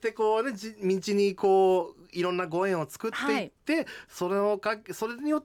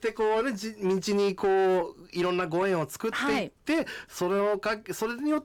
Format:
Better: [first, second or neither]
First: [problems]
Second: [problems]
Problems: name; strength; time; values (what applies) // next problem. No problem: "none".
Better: first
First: none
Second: distortion; slight; 10 dB below the speech